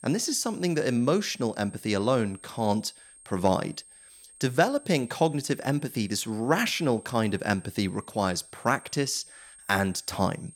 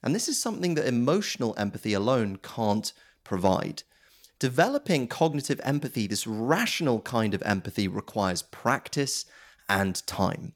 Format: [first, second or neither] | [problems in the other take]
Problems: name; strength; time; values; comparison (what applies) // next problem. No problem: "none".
second | high-pitched whine; faint; throughout; 8.5 kHz, 20 dB below the speech